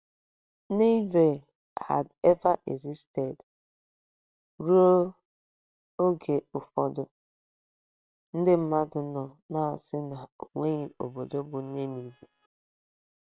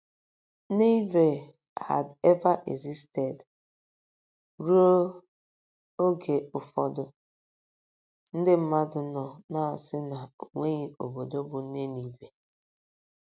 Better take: second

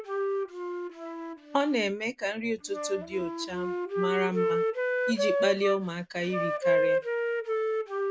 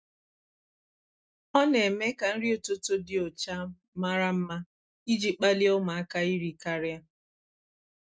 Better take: second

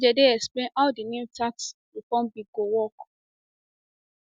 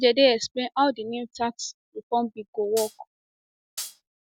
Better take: first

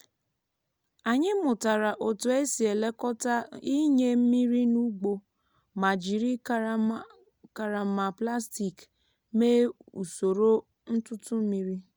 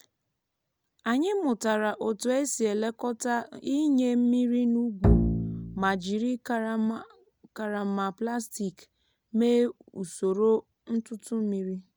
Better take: first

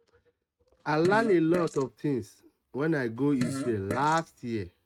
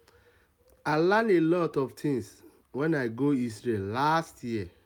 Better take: second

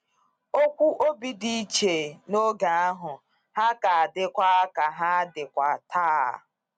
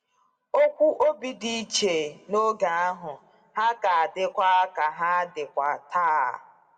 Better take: first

